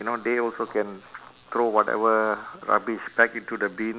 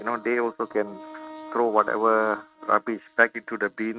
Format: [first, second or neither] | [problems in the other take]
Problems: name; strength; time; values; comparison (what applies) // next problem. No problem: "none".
first | noise reduction (neural mask model RNNoise)